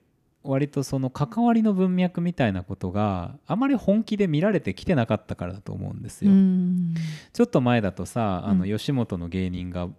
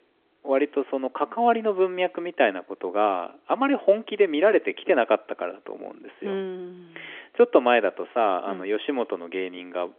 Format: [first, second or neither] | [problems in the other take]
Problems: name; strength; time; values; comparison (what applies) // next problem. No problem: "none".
first | phone-call audio; nothing above 3.5 kHz